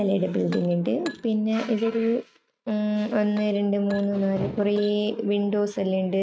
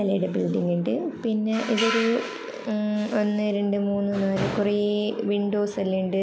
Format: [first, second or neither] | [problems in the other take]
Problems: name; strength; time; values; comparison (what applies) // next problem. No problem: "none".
second | noise reduction (neural mask model RNNoise)